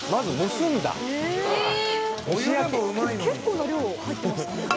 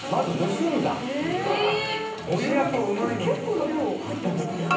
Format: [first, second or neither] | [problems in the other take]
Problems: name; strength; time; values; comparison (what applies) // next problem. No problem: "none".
first | room echo; dies away in 0.6 s